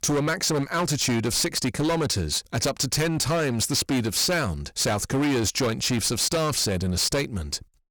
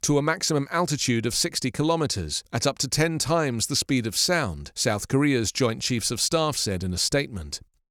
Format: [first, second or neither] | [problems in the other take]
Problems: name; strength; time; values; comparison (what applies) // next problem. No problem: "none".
second | distortion; heavy; 21% of the sound clipped